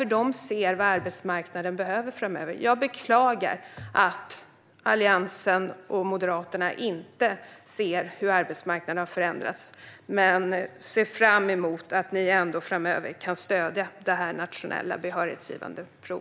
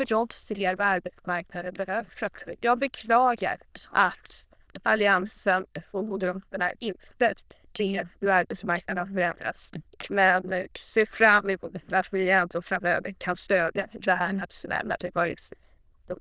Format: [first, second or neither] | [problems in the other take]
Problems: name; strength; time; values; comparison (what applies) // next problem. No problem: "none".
first | noise reduction (neural diffusion model UNIVERSE++)